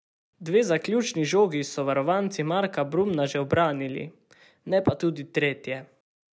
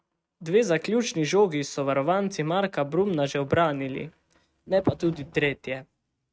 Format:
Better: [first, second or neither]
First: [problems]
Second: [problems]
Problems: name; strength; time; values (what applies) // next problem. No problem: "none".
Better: first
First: none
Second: noise reduction (neural mask model RNNoise)